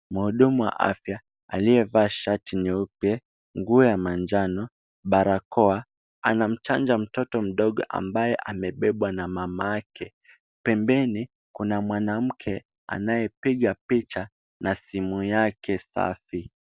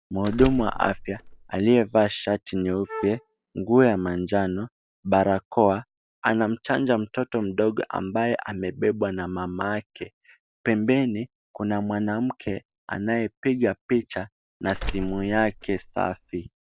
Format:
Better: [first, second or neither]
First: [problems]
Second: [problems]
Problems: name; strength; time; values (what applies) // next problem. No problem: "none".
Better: first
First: none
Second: background sound (Wind instrument, woodwind instrument + Door); 10 dB below the speech